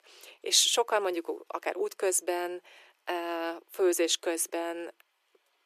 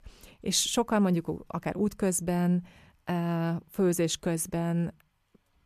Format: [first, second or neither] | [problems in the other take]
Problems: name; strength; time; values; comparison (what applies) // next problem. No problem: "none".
second | thin; very; fading below 350 Hz